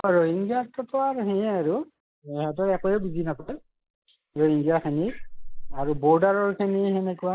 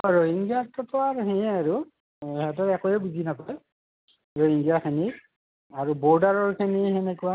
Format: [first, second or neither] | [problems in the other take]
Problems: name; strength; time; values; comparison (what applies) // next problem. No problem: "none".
second | noise reduction (neural mask model Resemble Enhance denoiser)